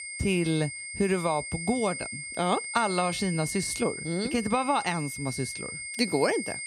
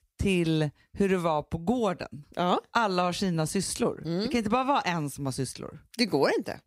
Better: second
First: high-pitched whine; loud; throughout; 2 kHz, 6 dB below the speech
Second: none

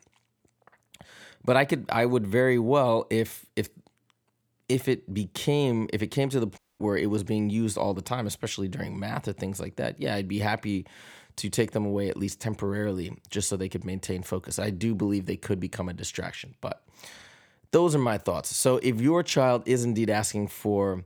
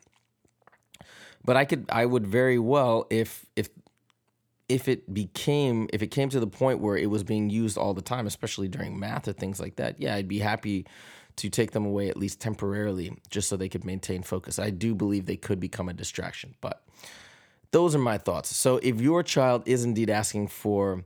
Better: second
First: audio cutting out; at 6.5 s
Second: none

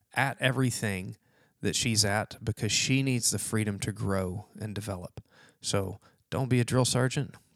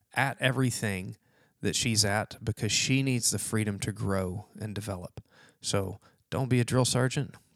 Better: neither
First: none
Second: none

